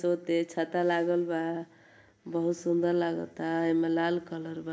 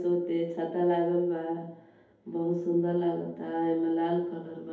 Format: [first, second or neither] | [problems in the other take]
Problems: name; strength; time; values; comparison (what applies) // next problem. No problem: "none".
first | room echo; dies away in 2.2 s